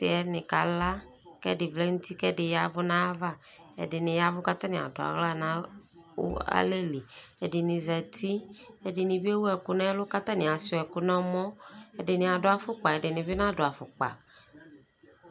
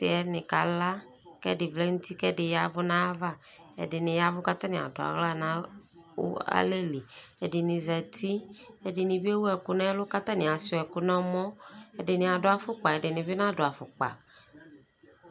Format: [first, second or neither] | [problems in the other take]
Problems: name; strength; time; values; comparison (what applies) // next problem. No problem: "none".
second | background sound (Marimba, xylophone / Wood); 14 dB below the speech